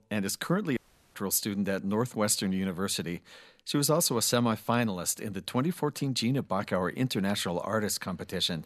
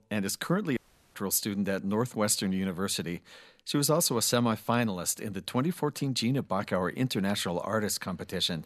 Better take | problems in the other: neither | audio cutting out; at 1 s; the same in both

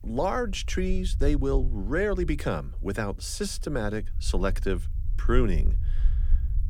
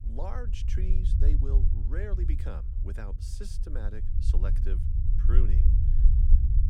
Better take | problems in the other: first | low rumble; loud; throughout; 3 dB below the speech; faint in the first

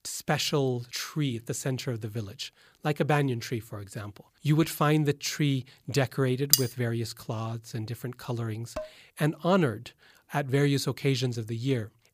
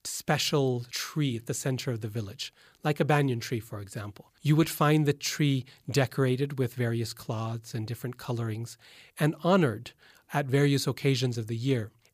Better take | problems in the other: second | clattering dishes; very faint; at 6.5 s; peak 6 dB above the speech // clattering dishes; faint; at 9 s; peak 10 dB below the speech

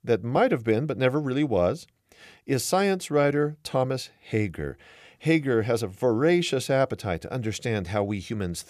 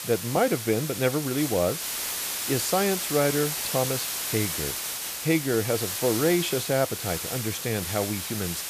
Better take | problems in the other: first | hiss; loud; throughout; 2 dB below the speech

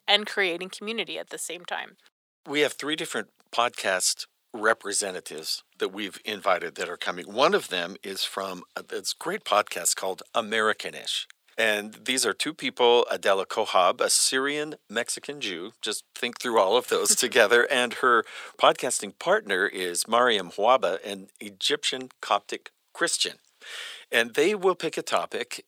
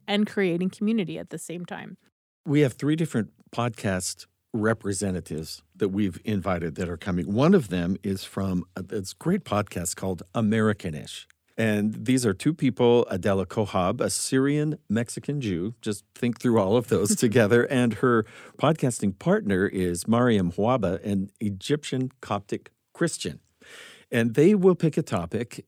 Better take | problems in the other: second | thin; very; fading below 750 Hz

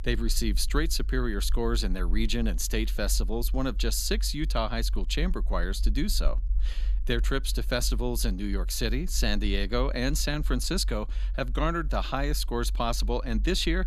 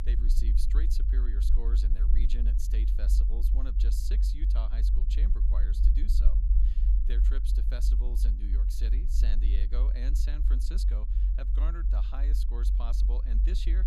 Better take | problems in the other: first | low rumble; loud; throughout; 3 dB below the speech; faint in the first

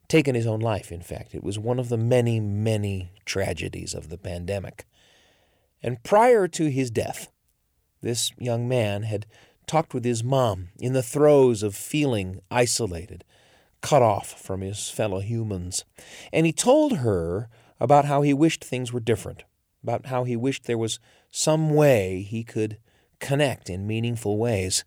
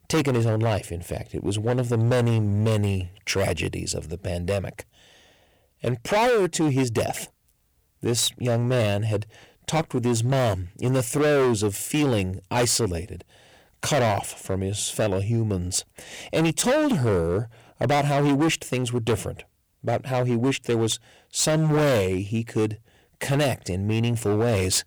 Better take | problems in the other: first | distortion; heavy; 13% of the sound clipped

